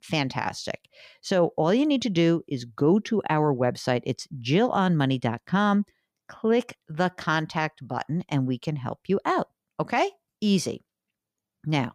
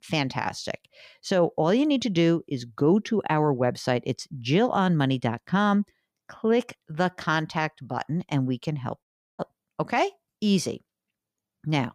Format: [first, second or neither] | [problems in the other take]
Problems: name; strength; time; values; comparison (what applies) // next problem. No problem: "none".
first | audio cutting out; at 9 s